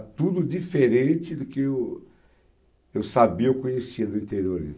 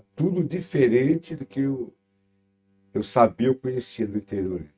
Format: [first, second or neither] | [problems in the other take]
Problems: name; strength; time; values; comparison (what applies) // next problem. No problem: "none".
first | noise reduction (neural mask model RNNoise)